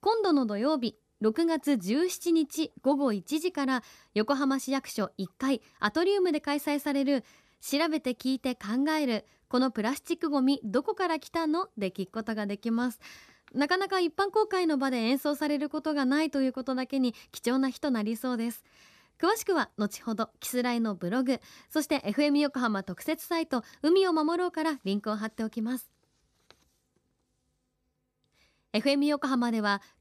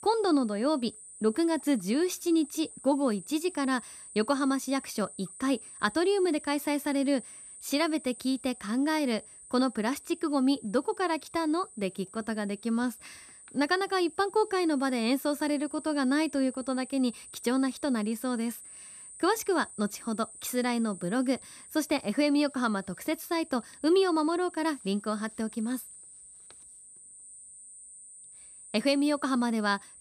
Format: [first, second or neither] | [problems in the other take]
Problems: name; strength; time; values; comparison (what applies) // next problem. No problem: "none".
first | high-pitched whine; noticeable; throughout; 8.5 kHz, 15 dB below the speech